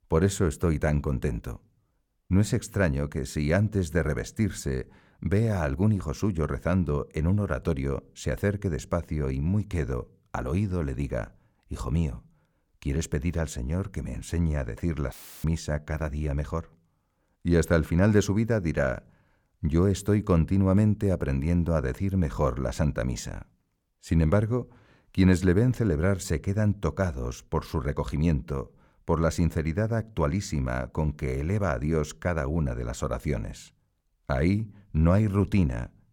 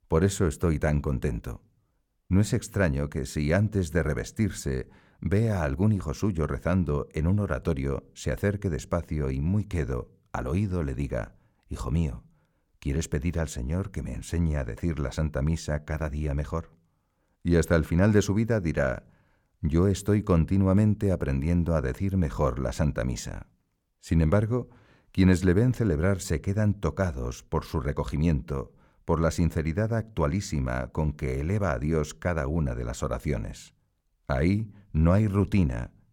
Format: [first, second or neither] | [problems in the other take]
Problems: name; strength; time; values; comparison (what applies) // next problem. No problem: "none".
second | audio cutting out; filled with static; at 15 s